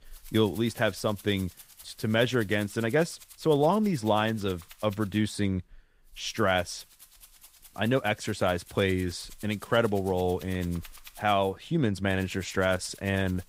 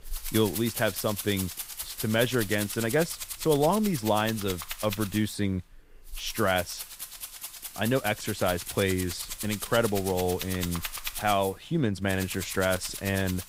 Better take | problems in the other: first | background music; loud; throughout; 7 dB below the speech; faint in the first

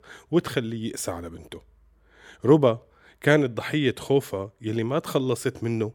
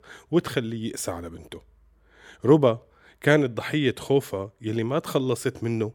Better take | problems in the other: neither | none

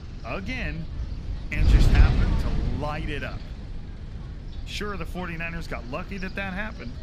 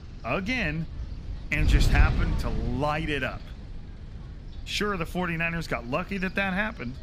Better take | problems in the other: second | wind noise on the microphone; heavy; 7 dB below the speech; occasional gusts in the second

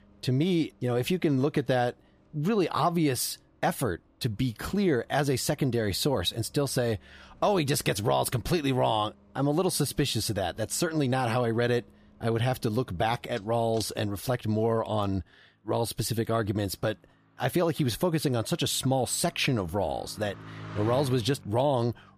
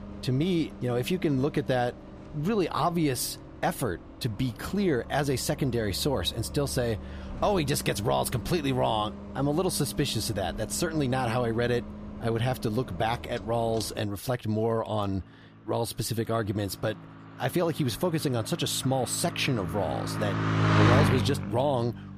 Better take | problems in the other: first | traffic noise; loud; throughout; 6 dB below the speech; faint in the first

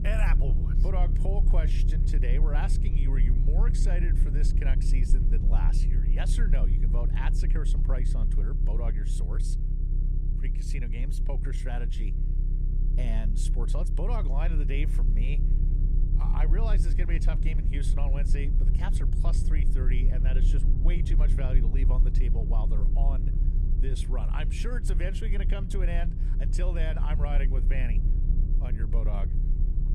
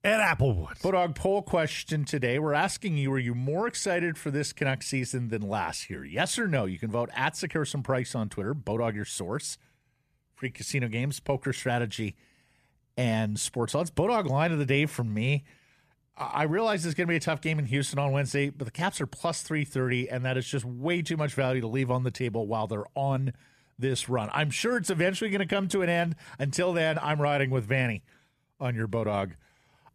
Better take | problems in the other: second | low rumble; loud; throughout; 5 dB below the speech

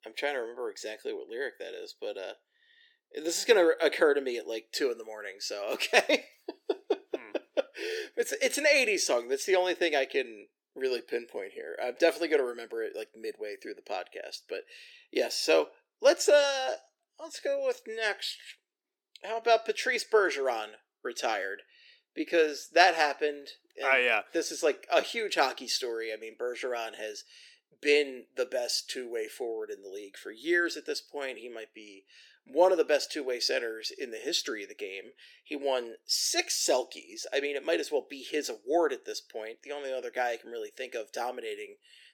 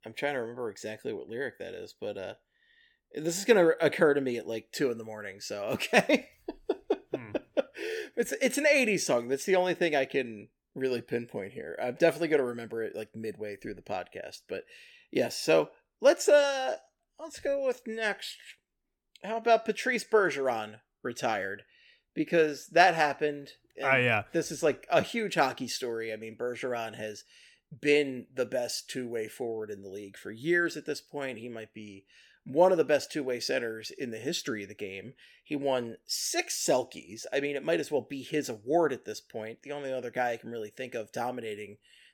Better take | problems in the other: second | thin; somewhat; fading below 350 Hz

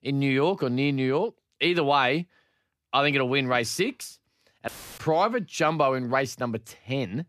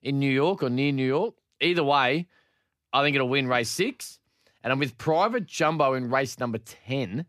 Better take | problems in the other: second | audio cutting out; filled with static; at 4.5 s

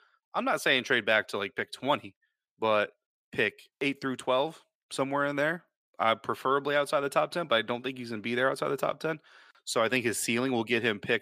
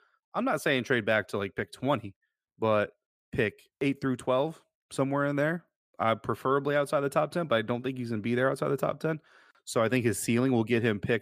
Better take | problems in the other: second | thin; very slightly; fading below 700 Hz

